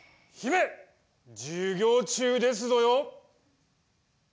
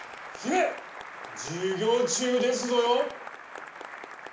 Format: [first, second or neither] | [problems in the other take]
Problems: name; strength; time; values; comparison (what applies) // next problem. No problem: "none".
first | background sound (Applause); 13 dB below the speech // room echo; dies away in 0.4 s